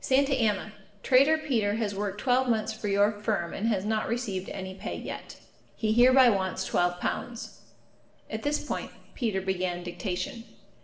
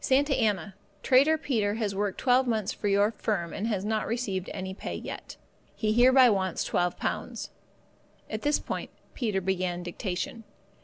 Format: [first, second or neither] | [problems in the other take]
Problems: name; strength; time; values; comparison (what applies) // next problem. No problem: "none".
second | room echo; dies away in 0.8 s